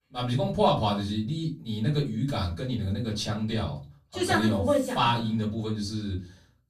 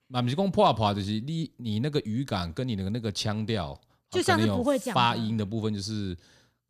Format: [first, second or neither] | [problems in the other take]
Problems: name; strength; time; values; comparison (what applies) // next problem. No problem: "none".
second | off-mic speech; far // room echo; slight; dies away in 0.3 s